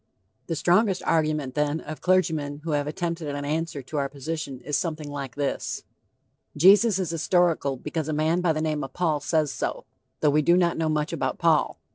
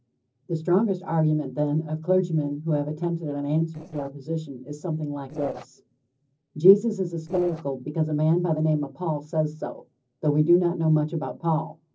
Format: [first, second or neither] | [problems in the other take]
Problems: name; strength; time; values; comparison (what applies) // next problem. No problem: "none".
first | noise reduction (neural separator model SepFormer DNS4)